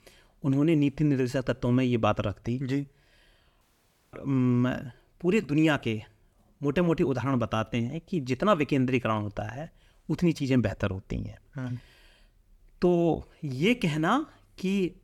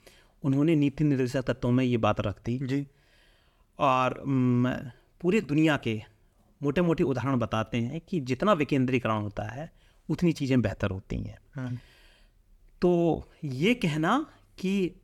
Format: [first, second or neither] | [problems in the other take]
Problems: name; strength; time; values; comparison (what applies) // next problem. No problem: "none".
second | audio cutting out; at 3.5 s for 0.5 s